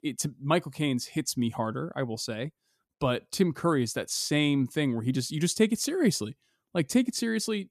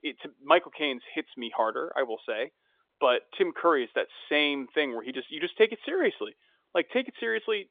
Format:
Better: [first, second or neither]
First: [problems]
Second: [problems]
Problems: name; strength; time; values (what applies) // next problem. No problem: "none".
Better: first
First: none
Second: phone-call audio; nothing above 3.5 kHz